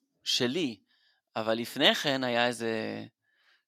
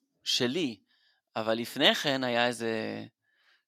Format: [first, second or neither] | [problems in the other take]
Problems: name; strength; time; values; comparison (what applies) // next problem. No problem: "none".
neither | thin; very slightly; fading below 700 Hz; the same in both